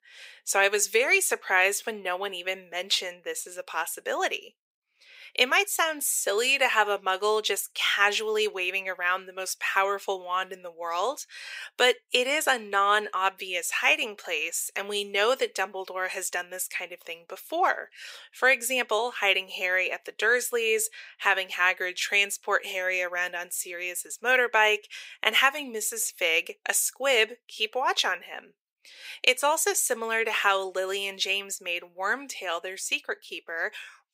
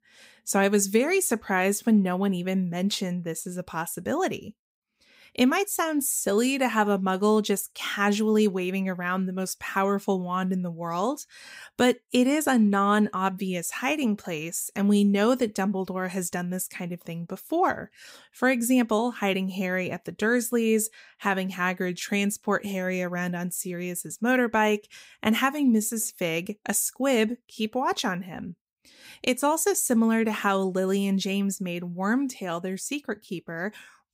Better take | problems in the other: second | thin; very; fading below 450 Hz

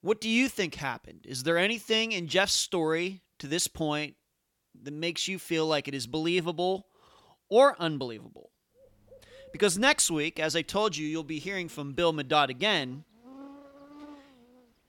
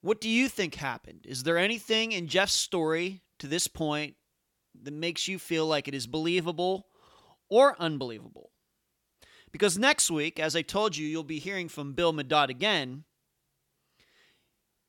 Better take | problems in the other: second | animal sounds; faint; from 9 s on; 25 dB below the speech

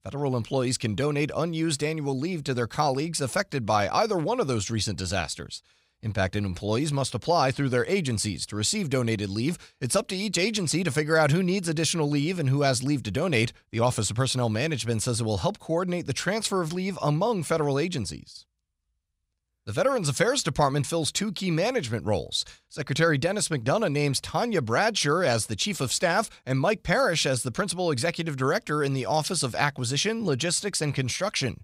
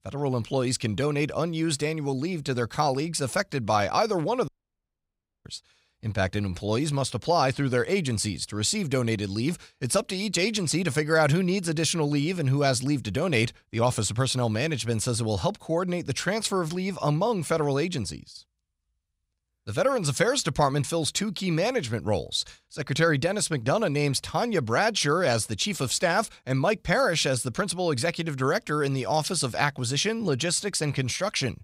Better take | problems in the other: first | audio cutting out; at 4.5 s for 1 s

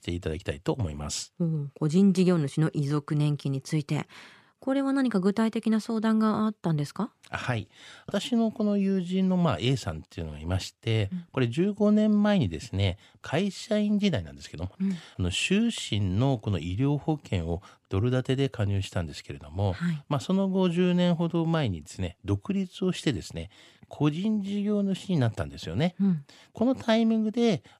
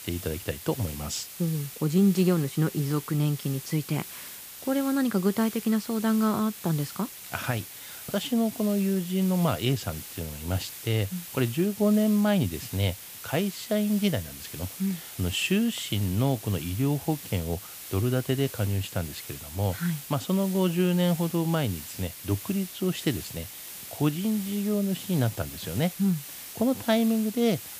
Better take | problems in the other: first | hiss; noticeable; throughout; 10 dB below the speech

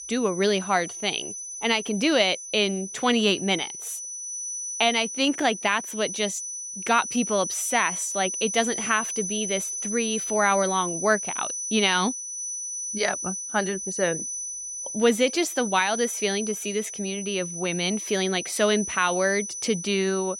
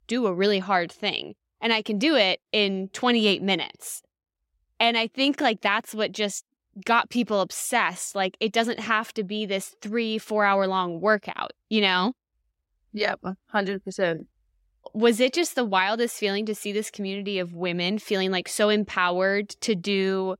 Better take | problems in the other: second | high-pitched whine; loud; throughout; 6 kHz, 6 dB below the speech

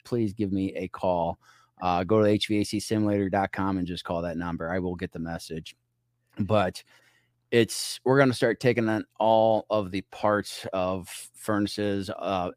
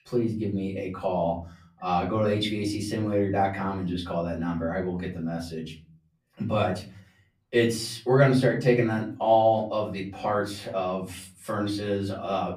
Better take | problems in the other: first | room echo; slight; dies away in 0.5 s // off-mic speech; far

